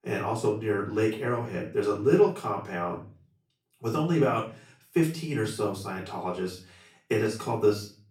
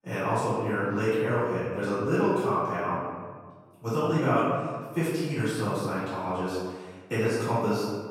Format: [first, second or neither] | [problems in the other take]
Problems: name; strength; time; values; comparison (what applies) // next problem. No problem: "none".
first | room echo; strong; dies away in 1.4 s; slight in the first // off-mic speech; far; far in the first